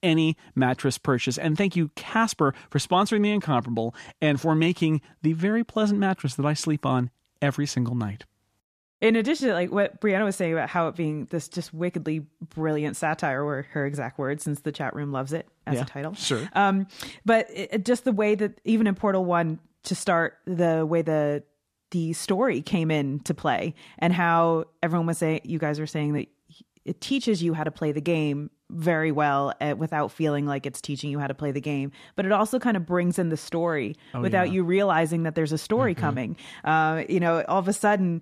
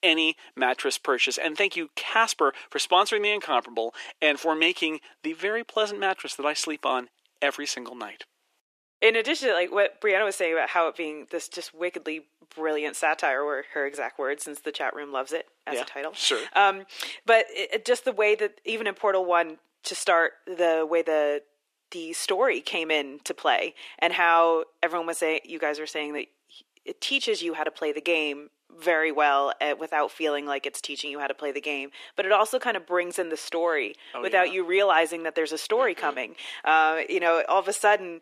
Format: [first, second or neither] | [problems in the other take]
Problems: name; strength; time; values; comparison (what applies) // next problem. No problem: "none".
first | thin; very; fading below 350 Hz